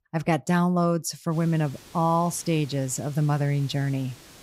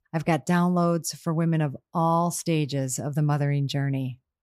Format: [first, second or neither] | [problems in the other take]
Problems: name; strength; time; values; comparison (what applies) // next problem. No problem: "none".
second | hiss; faint; from 1.5 s on; 20 dB below the speech